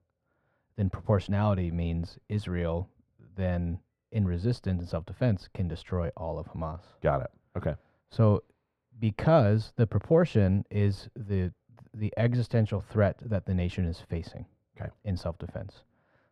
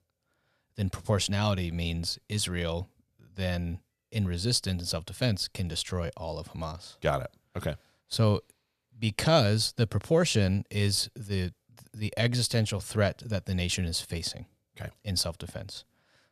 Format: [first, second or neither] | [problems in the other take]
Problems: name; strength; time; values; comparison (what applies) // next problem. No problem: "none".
second | muffled; very; fading above 3 kHz